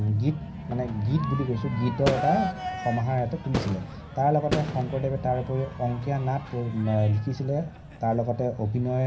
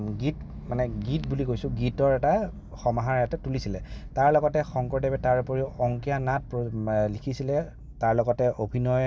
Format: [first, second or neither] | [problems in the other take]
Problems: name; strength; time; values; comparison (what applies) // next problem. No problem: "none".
second | background sound (Crowd / Fireworks); 10 dB below the speech // room echo; dies away in 0.5 s